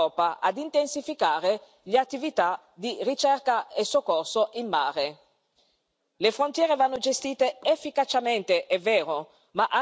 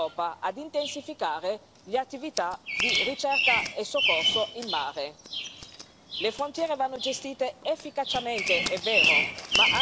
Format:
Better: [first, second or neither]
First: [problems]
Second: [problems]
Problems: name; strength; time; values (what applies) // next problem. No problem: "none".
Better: first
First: none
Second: background sound (Bird vocalization, bird call, bird song); 2 dB above the speech